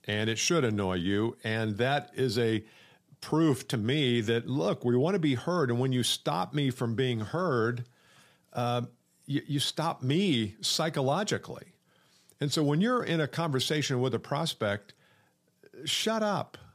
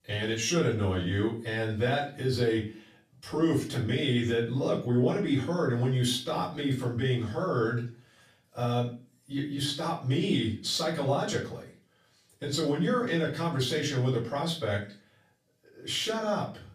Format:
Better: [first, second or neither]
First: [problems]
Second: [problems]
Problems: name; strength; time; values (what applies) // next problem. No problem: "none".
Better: first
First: none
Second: off-mic speech; far // room echo; slight; dies away in 0.3 s